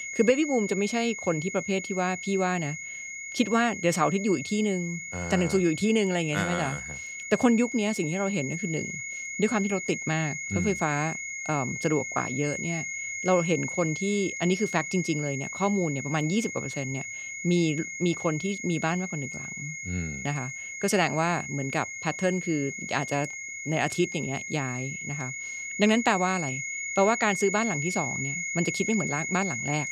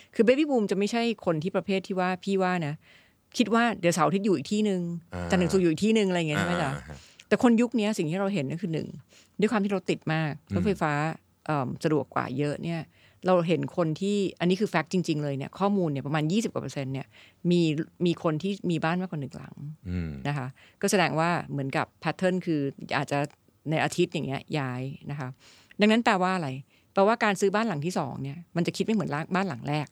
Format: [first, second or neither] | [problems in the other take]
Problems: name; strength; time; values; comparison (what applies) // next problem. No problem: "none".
second | high-pitched whine; loud; throughout; 2 kHz, 5 dB below the speech